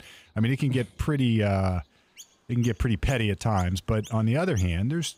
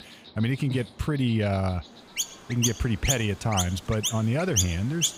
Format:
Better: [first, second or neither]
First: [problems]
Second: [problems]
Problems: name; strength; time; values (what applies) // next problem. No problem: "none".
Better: first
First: animal sounds; faint; throughout; 20 dB below the speech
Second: animal sounds; loud; throughout; 2 dB below the speech